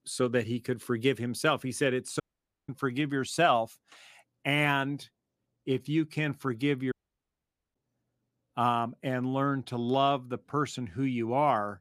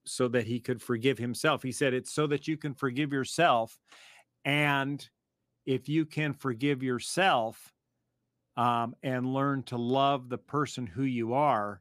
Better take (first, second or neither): second